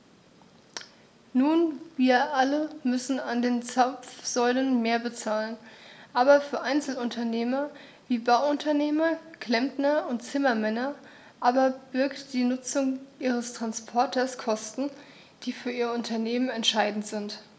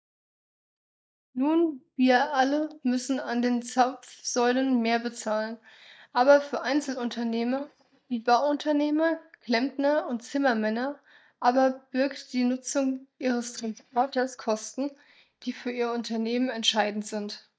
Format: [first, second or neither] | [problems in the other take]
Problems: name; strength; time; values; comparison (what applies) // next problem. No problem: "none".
first | noise reduction (neural mask model DeepFilterNet 3)